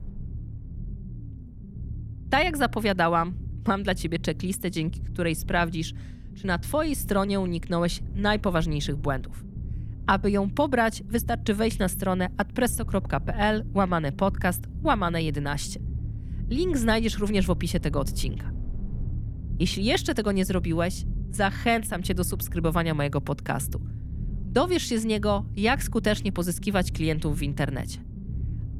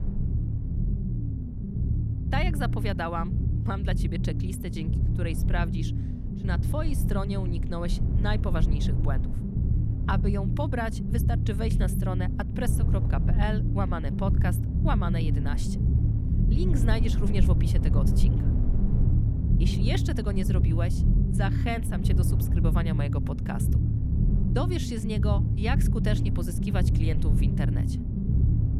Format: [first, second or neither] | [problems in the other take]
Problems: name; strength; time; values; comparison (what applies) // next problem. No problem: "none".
first | low rumble; loud; throughout; 3 dB below the speech; faint in the first